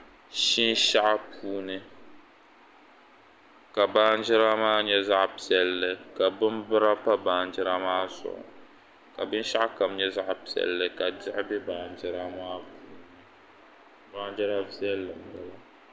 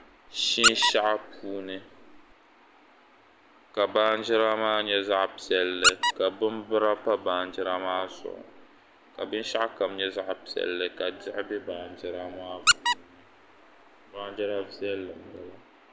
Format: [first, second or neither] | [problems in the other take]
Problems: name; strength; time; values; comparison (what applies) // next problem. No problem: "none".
first | background sound (Squeak); as loud as the speech